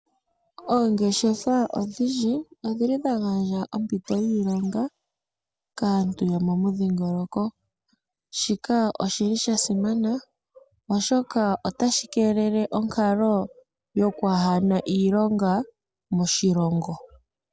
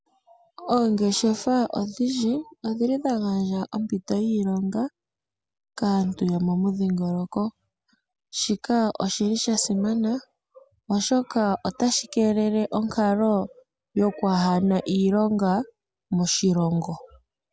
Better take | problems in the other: second | noise reduction (neural separator model SepFormer DNS4)

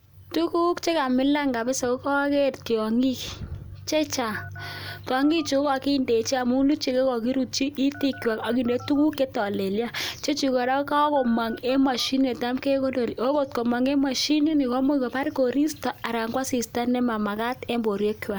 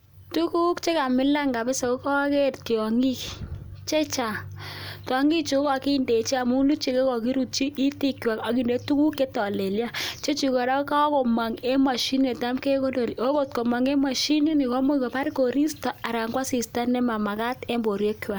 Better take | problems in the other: second | background sound (Telephone); 19 dB below the speech

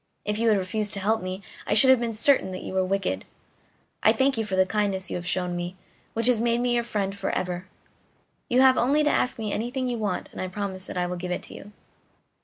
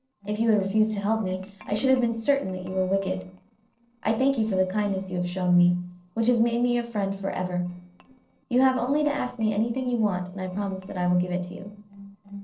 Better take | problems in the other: first | noise reduction (neural separator model SepFormer DNS4)

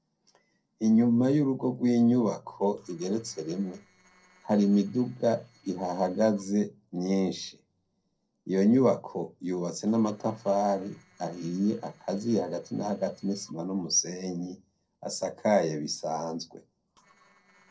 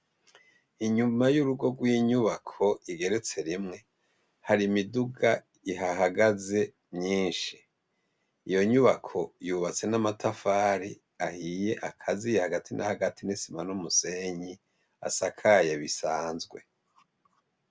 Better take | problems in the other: second | noise reduction (neural separator model SepFormer DNS4)

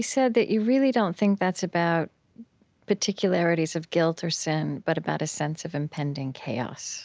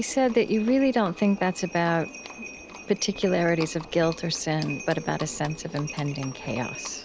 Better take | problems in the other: first | background sound (Livestock, farm animals, working animals); 14 dB below the speech

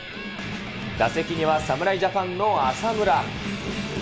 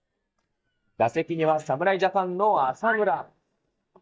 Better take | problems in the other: first | noise reduction (neural mask model DeepFilterNet 3)

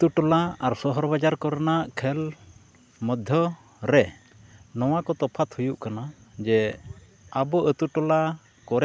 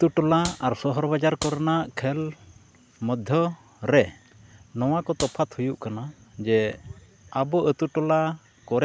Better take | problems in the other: first | background sound (Clapping); 13 dB below the speech

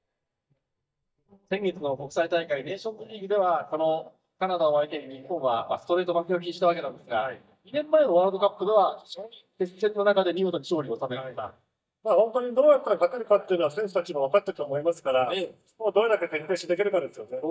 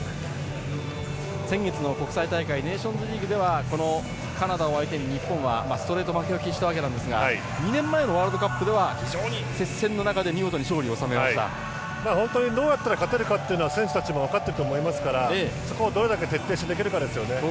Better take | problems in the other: second | noise reduction (neural mask model DeepFilterNet 3)

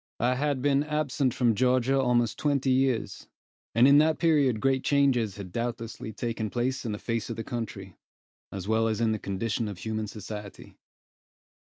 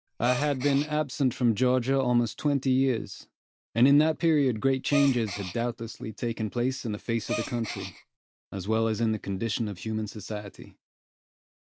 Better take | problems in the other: first | background sound (Gasp); 10 dB below the speech

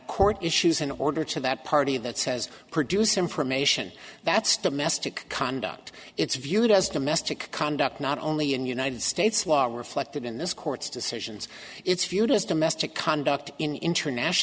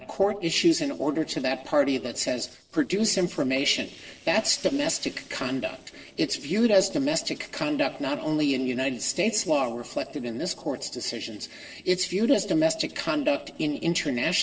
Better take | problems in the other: first | noise reduction (neural separator model SepFormer DNS4)

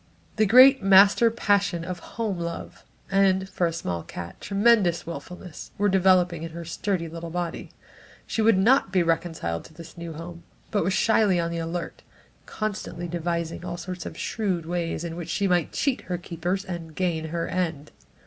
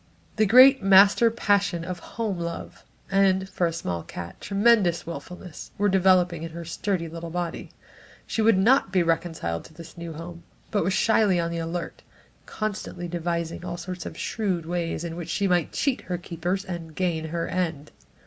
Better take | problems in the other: second | background sound (Drum); 17 dB below the speech

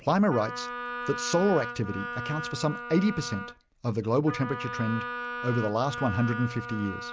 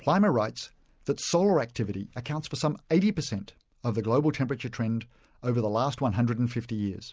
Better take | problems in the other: second | background sound (Wind instrument, woodwind instrument); 8 dB below the speech

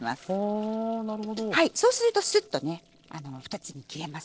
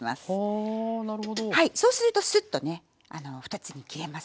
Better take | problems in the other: second | noise reduction (neural separator model SepFormer DNS4)

